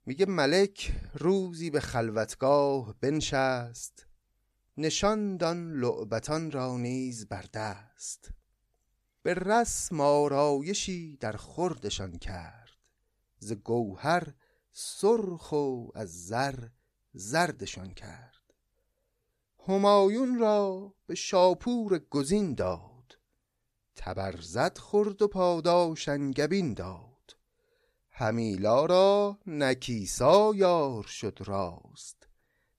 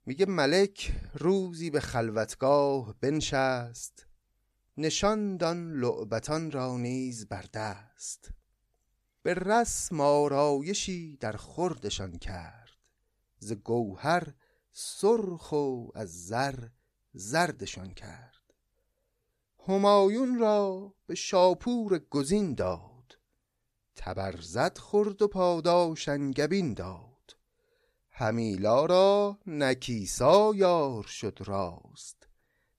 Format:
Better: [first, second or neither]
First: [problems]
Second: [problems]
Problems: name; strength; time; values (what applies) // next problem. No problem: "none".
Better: neither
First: none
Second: none